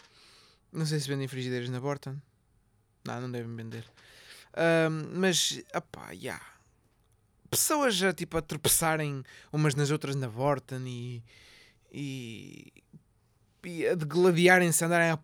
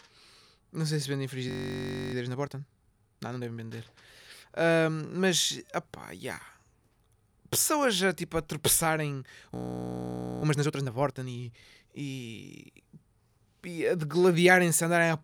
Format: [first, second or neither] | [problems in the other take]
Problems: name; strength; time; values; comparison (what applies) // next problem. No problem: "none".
first | audio freezing; at 1.5 s for 0.5 s and at 9.5 s for 1 s